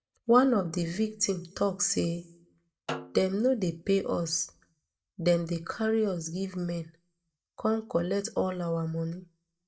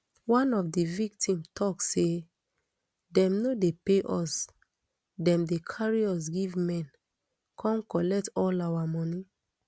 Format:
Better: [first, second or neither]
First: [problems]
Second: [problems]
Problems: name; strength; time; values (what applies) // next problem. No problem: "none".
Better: second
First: noise reduction (neural mask model DeepFilterNet 3)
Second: none